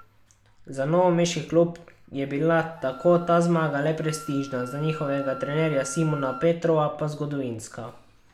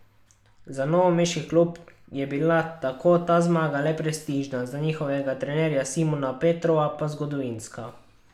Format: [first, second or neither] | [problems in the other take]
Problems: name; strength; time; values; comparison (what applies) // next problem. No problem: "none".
second | background sound (Wind instrument, woodwind instrument); 19 dB below the speech